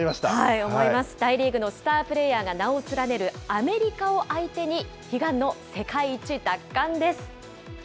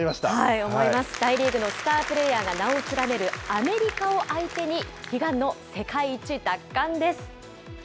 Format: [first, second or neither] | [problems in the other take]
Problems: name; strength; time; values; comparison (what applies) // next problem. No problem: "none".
first | background sound (Applause); 11 dB below the speech